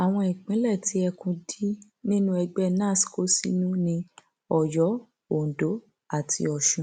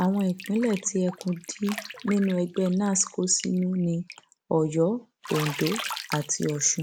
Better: first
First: none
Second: background sound (Bathtub (filling or washing)); 14 dB below the speech

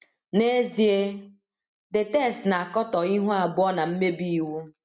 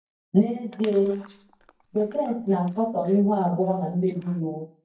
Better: first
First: none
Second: noise reduction (neural mask model DeepFilterNet 3)

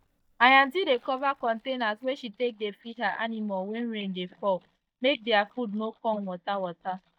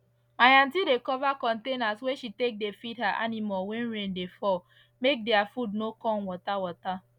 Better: second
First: noise reduction (neural mask model DeepFilterNet 3)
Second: none

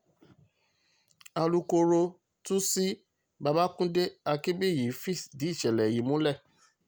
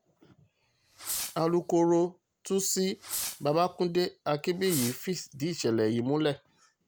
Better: first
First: none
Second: background sound (Fireworks); 11 dB below the speech

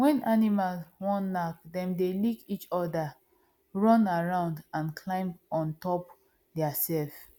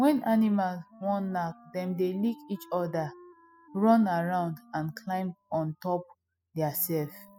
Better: first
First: none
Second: noise reduction (classical method spectral subtraction)

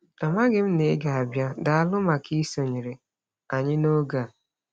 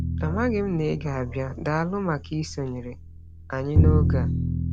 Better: first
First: none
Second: background sound (Bowed string instrument); 2 dB above the speech

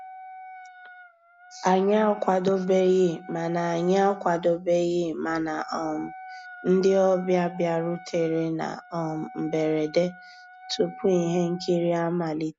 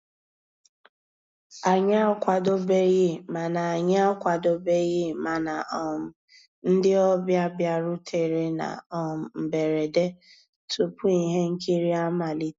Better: second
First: background sound (Wind instrument, woodwind instrument); 19 dB below the speech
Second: none

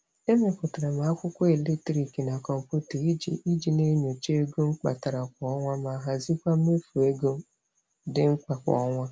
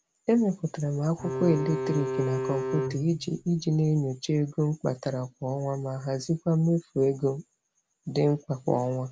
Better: first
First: none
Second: background sound (Bowed string instrument); 5 dB below the speech

